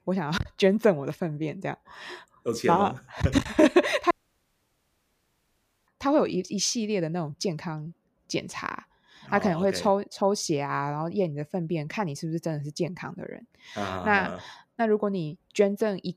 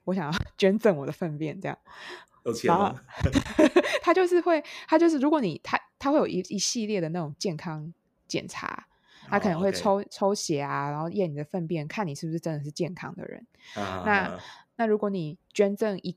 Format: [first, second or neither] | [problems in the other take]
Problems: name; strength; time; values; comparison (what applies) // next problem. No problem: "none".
second | audio cutting out; at 4 s for 2 s